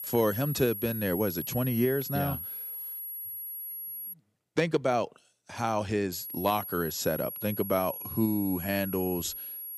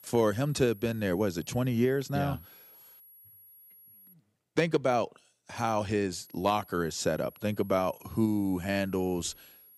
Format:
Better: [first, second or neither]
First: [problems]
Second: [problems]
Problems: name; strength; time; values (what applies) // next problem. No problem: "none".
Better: second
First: high-pitched whine; loud; until 4 s and from 6 s on; 11.5 kHz, 6 dB below the speech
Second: high-pitched whine; faint; until 4 s and from 6 s on; 11.5 kHz, 25 dB below the speech